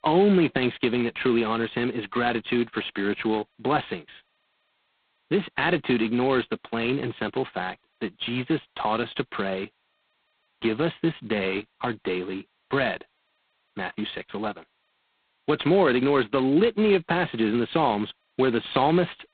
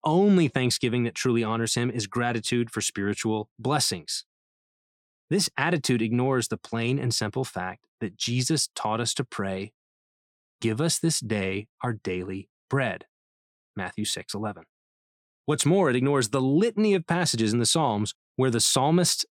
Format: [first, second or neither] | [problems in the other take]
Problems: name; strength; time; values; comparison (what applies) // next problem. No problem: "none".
second | phone-call audio; poor line; nothing above 4 kHz